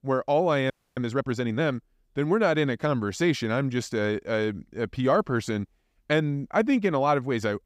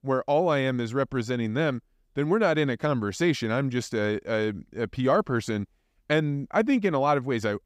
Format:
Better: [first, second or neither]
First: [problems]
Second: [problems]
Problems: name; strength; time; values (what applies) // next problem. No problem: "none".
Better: second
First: audio freezing; at 0.5 s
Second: none